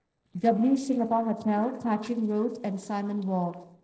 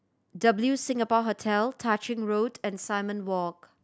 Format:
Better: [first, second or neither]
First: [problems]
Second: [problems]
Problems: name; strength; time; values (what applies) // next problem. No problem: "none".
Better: second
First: noise reduction (neural separator model SepFormer DNS4)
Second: none